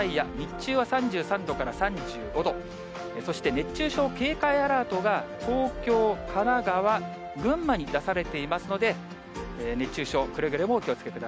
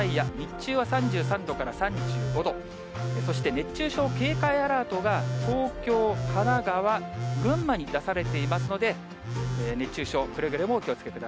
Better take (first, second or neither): first